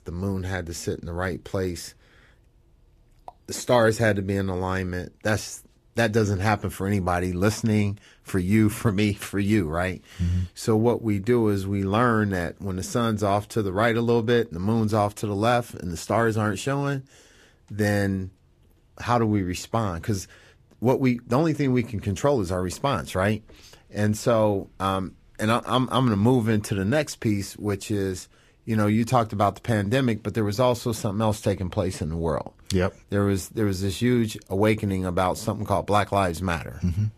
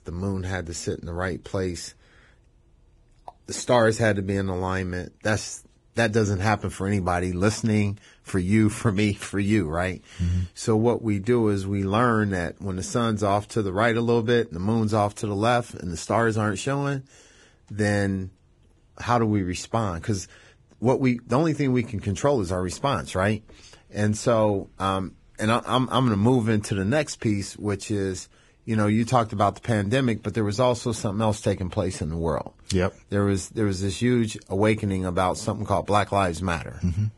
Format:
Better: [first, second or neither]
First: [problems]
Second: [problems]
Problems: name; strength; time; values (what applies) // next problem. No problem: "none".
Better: first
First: garbled, watery; slightly; nothing above 14.5 kHz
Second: garbled, watery; badly; nothing above 10.5 kHz